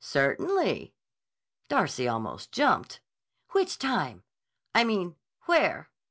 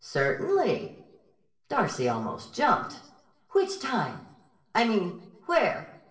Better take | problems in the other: first | room echo; dies away in 0.6 s

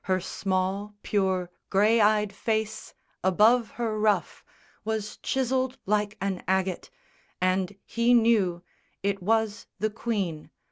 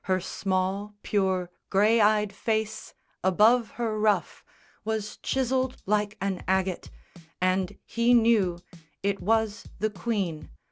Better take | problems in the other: first | background sound (Drum / Drum kit); 19 dB below the speech

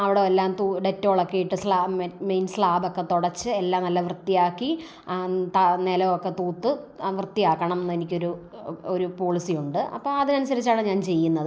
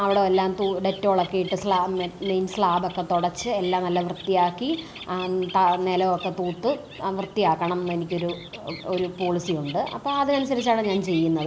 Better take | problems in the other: first | background sound (Bird); 17 dB below the speech

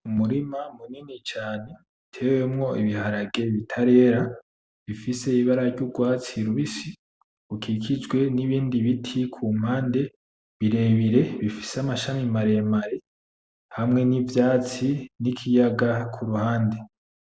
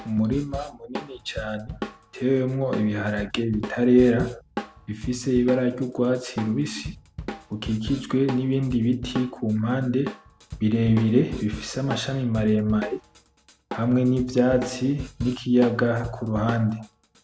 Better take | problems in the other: first | background sound (Drum kit); 13 dB below the speech

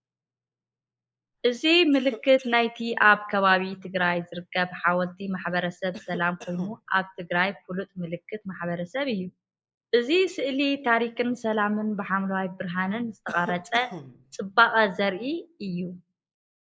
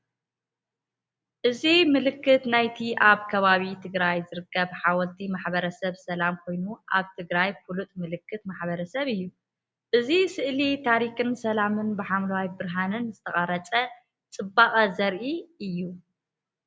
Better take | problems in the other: second | noise reduction (neural mask model Resemble Enhance denoiser)

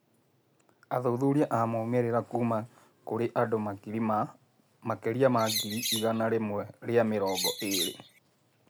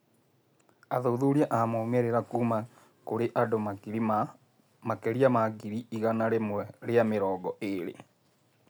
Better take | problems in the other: second | background sound (Bird); 4 dB below the speech

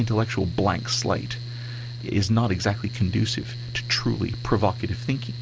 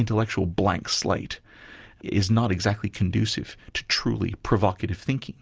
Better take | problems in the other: second | background sound (Mechanical fan); 8 dB below the speech

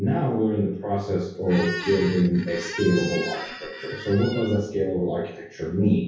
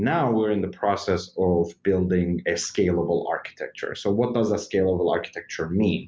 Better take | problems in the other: second | background sound (Squeak); 11 dB below the speech // room echo; dies away in 0.6 s

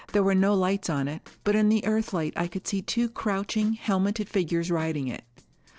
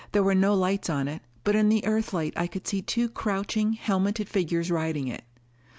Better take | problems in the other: second | noise reduction (neural separator model SepFormer DNS4)

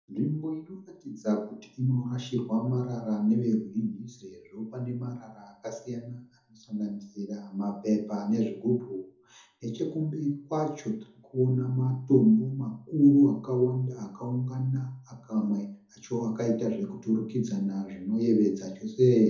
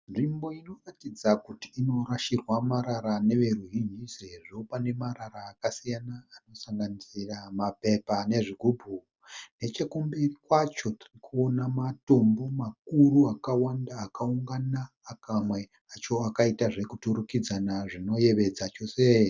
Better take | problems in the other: second | room echo; dies away in 0.5 s

